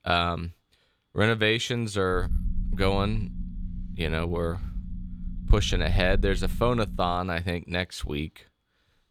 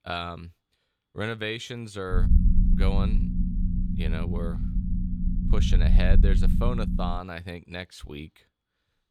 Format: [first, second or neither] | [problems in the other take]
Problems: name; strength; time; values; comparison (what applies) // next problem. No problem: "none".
first | low rumble; loud; from 2 to 7 s; 5 dB below the speech; faint in the first